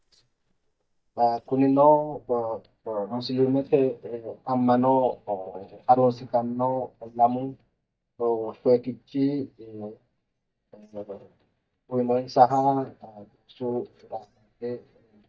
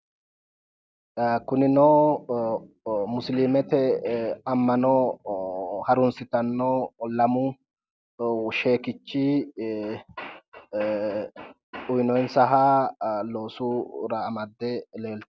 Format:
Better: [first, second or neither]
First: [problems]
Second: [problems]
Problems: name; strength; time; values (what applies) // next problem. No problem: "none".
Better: second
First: noise reduction (neural mask model DeepFilterNet 3)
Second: none